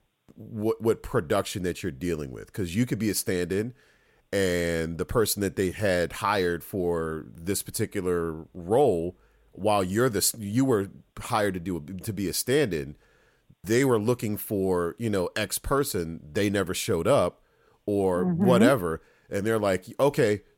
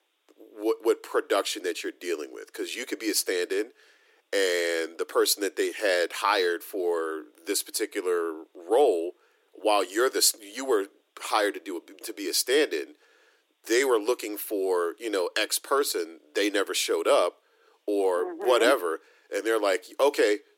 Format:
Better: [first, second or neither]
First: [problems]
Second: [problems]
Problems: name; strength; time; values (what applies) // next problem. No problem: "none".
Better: first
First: none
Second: thin; very; fading below 300 Hz